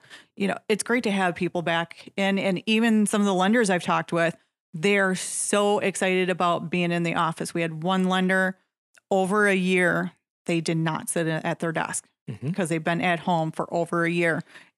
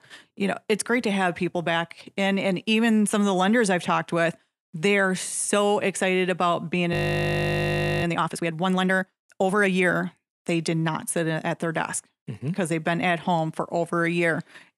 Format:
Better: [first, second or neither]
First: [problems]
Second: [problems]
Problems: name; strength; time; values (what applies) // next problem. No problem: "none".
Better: first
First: none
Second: audio freezing; at 7 s for 1 s